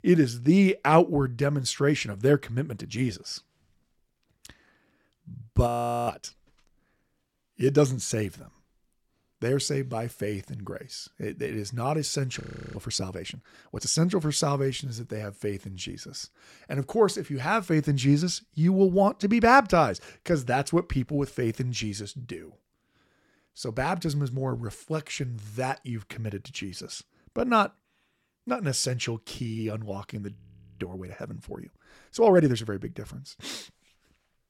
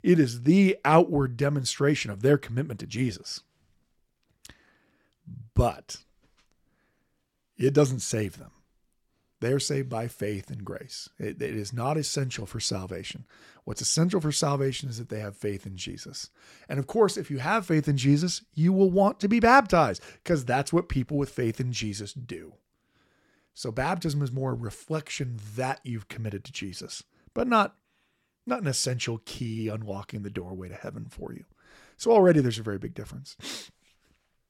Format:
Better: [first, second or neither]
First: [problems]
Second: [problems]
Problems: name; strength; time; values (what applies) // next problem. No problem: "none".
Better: second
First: audio freezing; at 5.5 s, at 12 s and at 30 s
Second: none